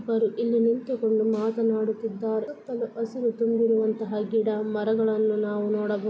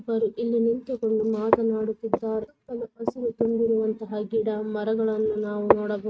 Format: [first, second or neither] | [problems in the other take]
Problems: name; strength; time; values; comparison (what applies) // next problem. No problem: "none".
first | noise reduction (neural mask model RNNoise)